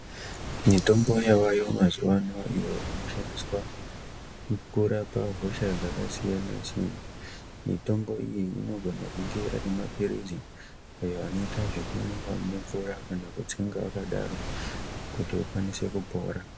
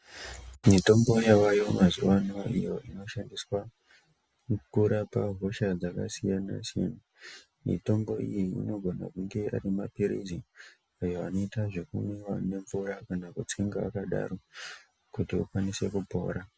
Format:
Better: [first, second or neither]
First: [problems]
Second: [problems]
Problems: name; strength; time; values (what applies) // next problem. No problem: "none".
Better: second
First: background sound (Waves, surf); 9 dB below the speech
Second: none